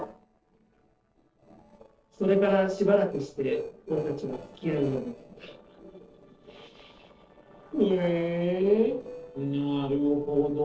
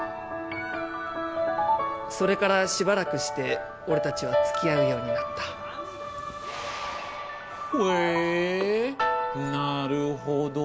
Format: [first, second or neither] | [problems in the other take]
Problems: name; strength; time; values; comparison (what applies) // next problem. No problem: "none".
second | noise reduction (neural separator model SepFormer DNS4)